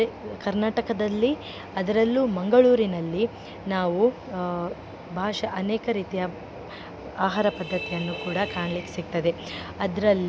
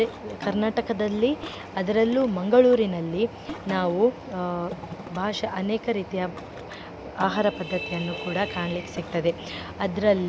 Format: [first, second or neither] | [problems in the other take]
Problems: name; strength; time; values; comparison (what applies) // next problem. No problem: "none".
first | background sound (Ocean + Snare drum); 18 dB below the speech